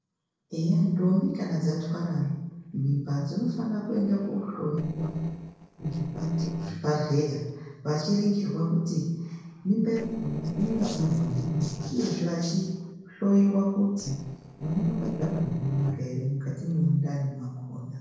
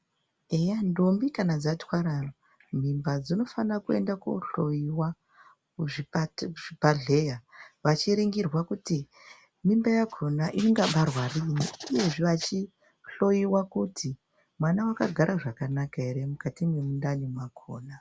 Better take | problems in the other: second | noise reduction (neural separator model SepFormer DNS4)

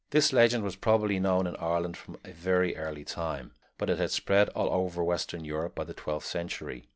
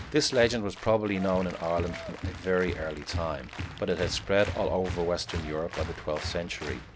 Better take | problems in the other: first | background sound (Applause); 9 dB below the speech

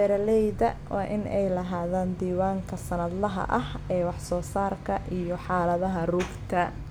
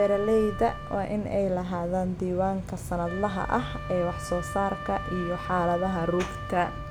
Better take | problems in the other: first | background sound (Wind instrument, woodwind instrument); 13 dB below the speech

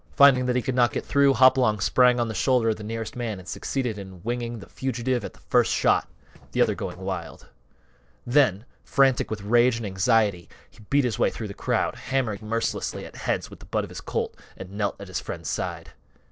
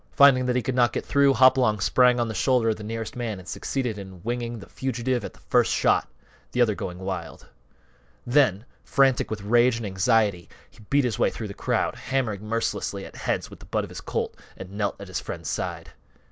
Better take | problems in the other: second | noise reduction (neural separator model SepFormer DNS4)

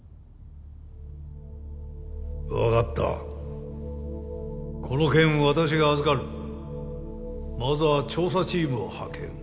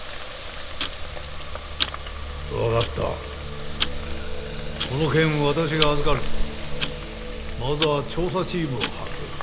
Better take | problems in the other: first | background sound (Tick-tock + Water tap, faucet); 1 dB below the speech

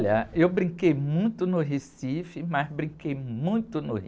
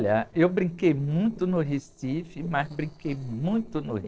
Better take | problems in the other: first | noise reduction (neural separator model SepFormer DNS4)

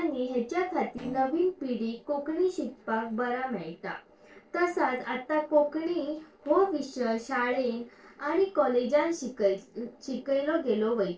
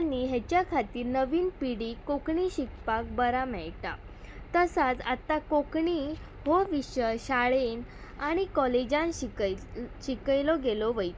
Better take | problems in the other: second | noise reduction (neural separator model SepFormer DNS4)

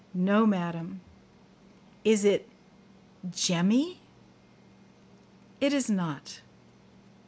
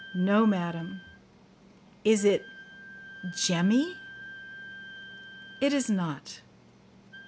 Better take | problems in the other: first | background sound (Wind instrument, woodwind instrument); 17 dB below the speech

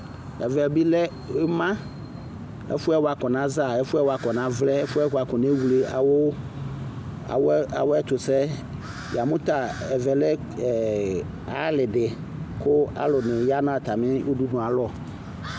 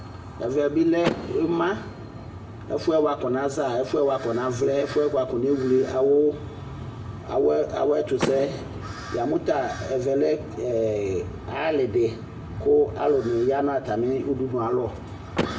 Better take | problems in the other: first | background sound (Door / Car); 15 dB below the speech // room echo; dies away in 0.6 s

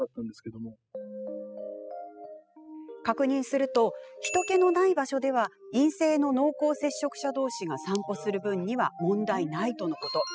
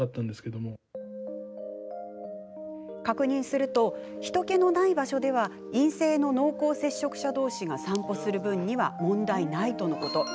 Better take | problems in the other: second | noise reduction (classical method spectral subtraction)

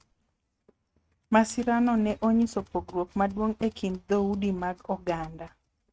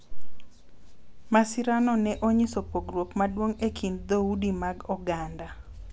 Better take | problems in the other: second | noise reduction (neural mask model RNNoise)

